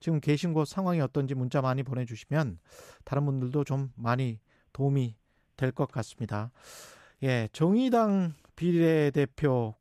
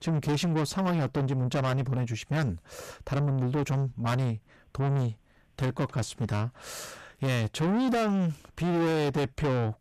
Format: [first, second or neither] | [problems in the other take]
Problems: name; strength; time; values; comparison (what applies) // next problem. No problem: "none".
first | distortion; heavy; 6 dB below the speech